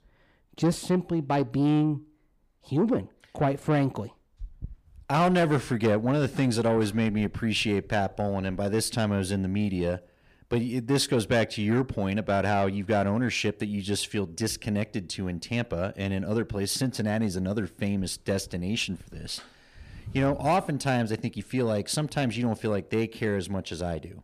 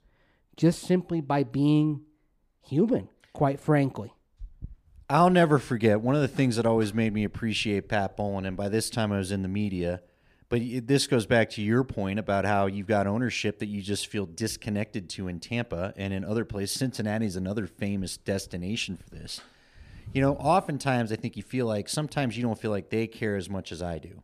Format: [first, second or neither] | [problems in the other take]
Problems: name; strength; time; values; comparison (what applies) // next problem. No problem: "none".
second | distortion; slight; 10 dB below the speech